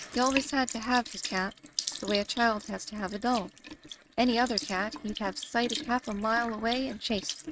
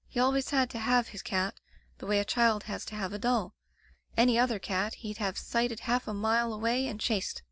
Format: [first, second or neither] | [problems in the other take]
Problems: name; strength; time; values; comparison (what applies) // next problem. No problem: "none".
second | noise reduction (neural mask model RNNoise)